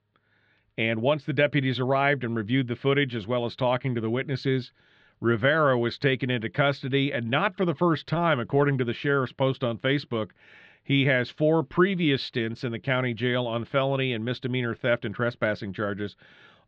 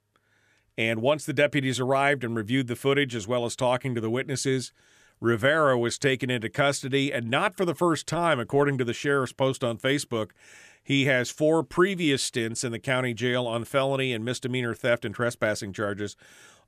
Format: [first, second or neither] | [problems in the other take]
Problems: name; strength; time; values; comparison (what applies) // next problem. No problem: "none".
second | muffled; slightly; fading above 4 kHz